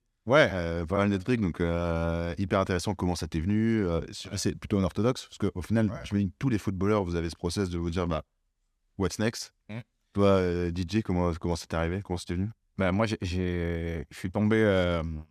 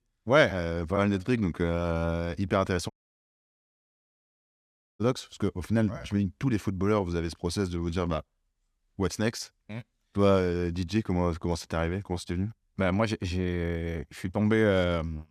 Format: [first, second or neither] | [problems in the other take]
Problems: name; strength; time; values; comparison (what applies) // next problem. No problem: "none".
first | audio cutting out; at 3 s for 2 s